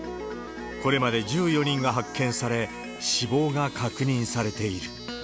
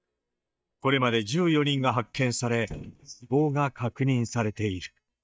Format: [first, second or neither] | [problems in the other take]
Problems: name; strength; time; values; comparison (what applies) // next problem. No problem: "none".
first | noise reduction (neural mask model DeepFilterNet 3)